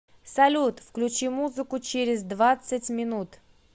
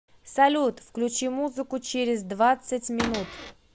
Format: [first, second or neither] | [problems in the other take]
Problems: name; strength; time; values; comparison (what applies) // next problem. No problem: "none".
first | background sound (Cupboard open or close / Door); 8 dB below the speech